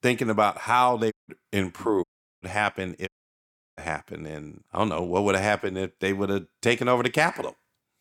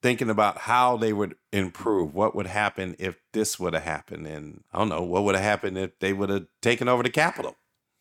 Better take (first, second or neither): second